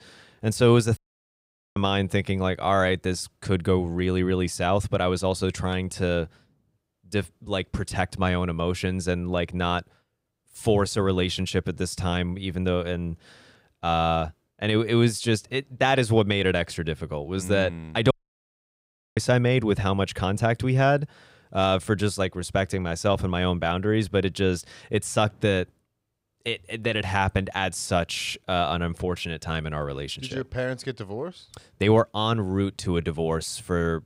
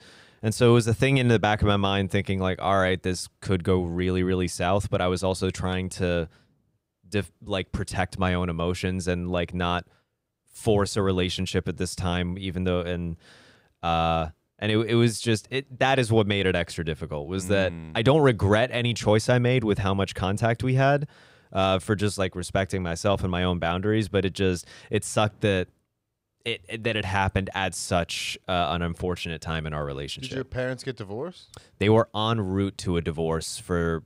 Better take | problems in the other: second | audio cutting out; at 1 s for 1 s and at 18 s for 1 s

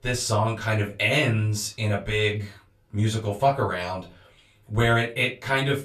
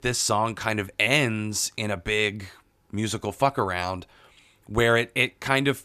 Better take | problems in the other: second | off-mic speech; far // room echo; very slight; dies away in 0.2 s

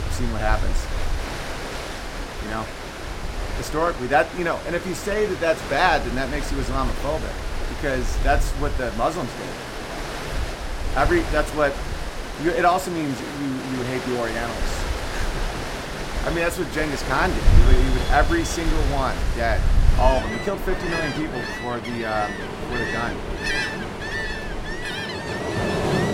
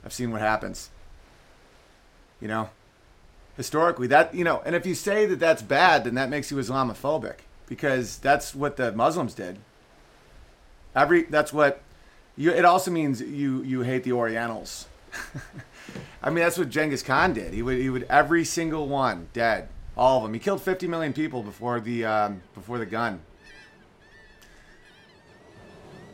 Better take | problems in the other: second | rain or running water; loud; throughout; 3 dB below the speech; faint in the second

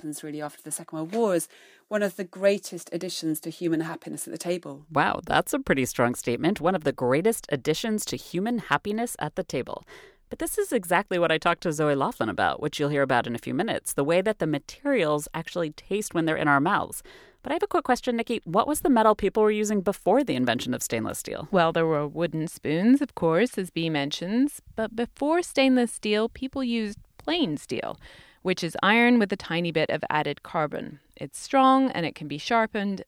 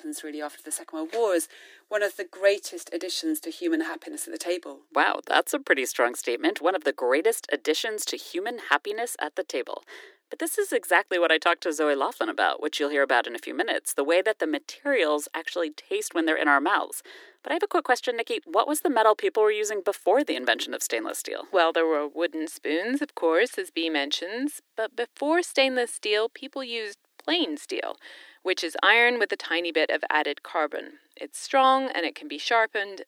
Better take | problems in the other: first | thin; somewhat; fading below 300 Hz

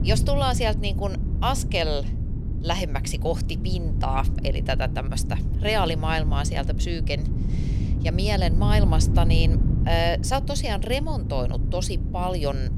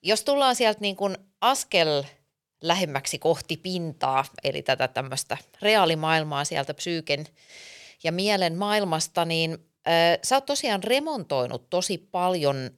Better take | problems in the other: second | wind noise on the microphone; occasional gusts; 10 dB below the speech

